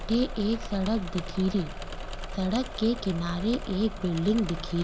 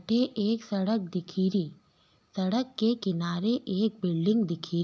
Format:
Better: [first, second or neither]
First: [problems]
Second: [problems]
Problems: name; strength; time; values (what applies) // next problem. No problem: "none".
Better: second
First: background sound (Engine / Mechanisms); 7 dB below the speech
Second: none